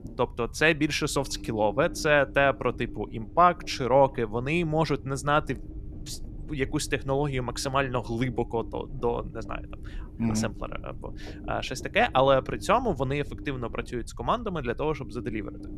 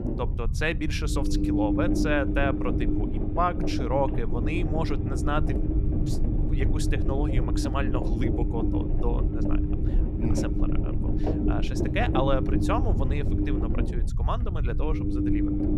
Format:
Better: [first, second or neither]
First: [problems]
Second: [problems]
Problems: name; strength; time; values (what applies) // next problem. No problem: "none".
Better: first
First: low rumble; faint; throughout; 25 dB below the speech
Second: low rumble; loud; throughout; 3 dB below the speech